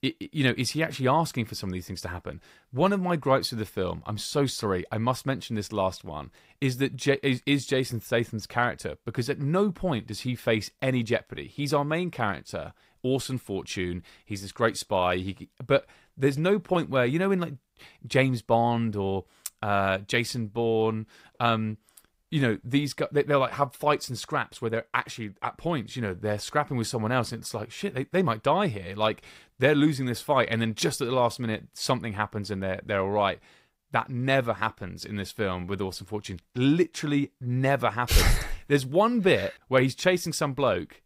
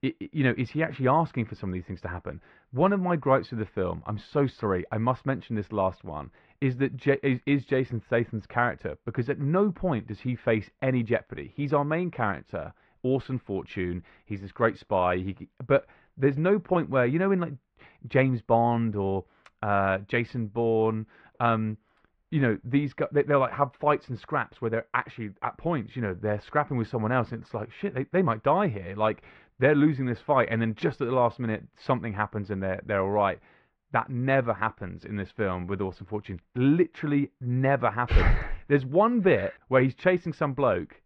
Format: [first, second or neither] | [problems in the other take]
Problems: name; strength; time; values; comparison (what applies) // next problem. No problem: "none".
first | muffled; very; fading above 2 kHz